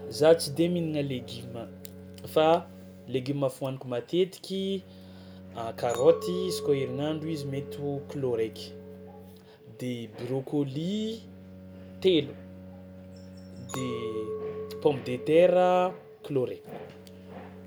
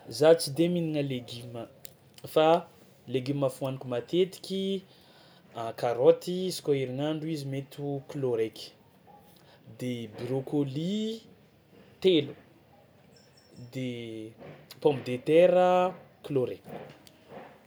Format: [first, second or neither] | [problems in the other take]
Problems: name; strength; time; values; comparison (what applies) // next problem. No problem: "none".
second | background sound (Bowed string instrument + Chink, clink); 13 dB below the speech